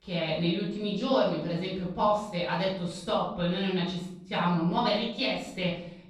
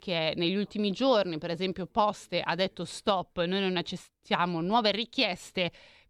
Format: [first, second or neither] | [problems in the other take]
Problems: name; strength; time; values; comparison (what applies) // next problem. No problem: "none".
second | off-mic speech; far // room echo; noticeable; dies away in 0.7 s